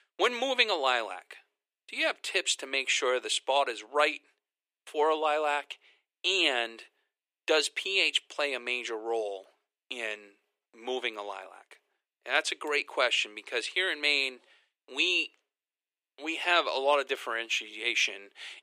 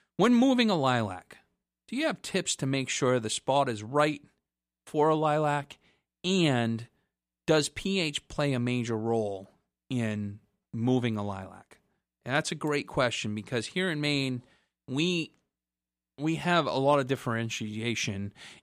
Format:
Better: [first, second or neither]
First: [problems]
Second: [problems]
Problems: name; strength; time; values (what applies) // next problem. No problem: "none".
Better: second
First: thin; very; fading below 350 Hz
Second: none